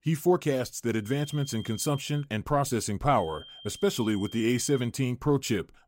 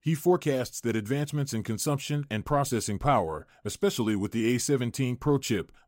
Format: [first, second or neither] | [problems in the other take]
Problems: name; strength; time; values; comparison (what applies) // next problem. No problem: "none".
second | high-pitched whine; noticeable; from 1 to 2 s and from 3 to 5 s; 3 kHz, 15 dB below the speech